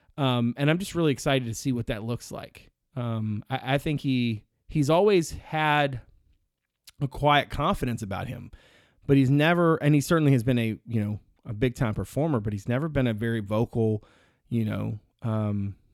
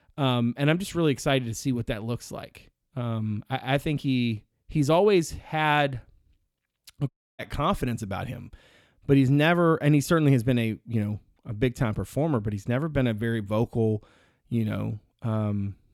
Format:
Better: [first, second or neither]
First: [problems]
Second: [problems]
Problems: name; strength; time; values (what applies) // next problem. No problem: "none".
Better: first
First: none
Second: audio cutting out; at 7 s